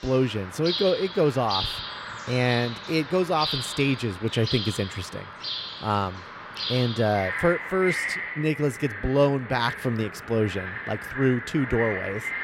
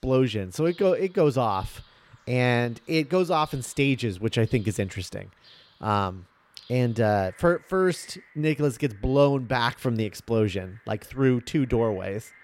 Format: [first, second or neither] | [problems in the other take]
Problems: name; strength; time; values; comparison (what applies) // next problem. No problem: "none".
second | animal sounds; loud; throughout; 6 dB below the speech; faint in the second